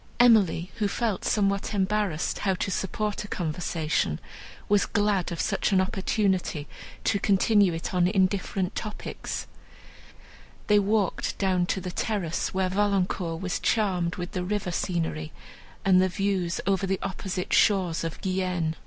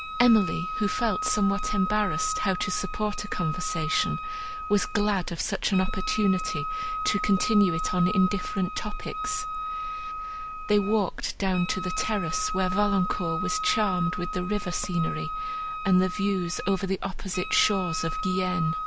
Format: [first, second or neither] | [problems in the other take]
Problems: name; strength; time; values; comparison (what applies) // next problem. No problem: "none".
first | background sound (Wind instrument, woodwind instrument); 6 dB below the speech